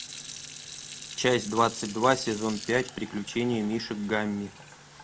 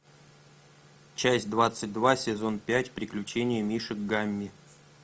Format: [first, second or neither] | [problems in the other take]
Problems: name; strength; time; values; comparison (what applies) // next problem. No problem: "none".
second | background sound (Fill (with liquid) / Sink (filling or washing)); 14 dB below the speech